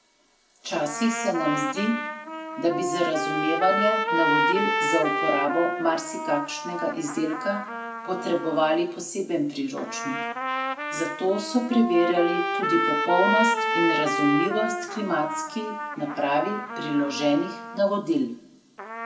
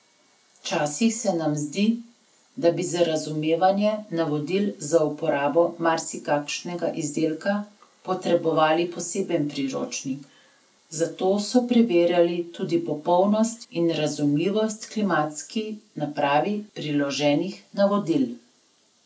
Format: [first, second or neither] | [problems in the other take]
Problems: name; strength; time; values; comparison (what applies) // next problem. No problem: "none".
second | background sound (Trumpet); 2 dB below the speech // room echo; dies away in 0.7 s